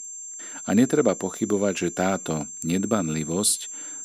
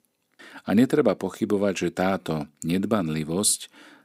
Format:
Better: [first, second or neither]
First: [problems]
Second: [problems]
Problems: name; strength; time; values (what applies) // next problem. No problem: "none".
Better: second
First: high-pitched whine; noticeable; throughout; 7.5 kHz, 10 dB below the speech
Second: none